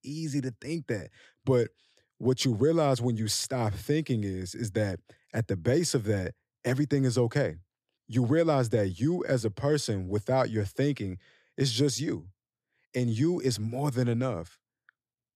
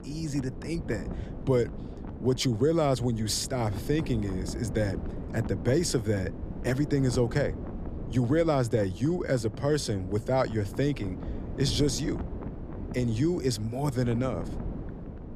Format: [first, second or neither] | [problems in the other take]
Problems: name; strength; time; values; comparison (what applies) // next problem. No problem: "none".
first | wind noise on the microphone; occasional gusts; 15 dB below the speech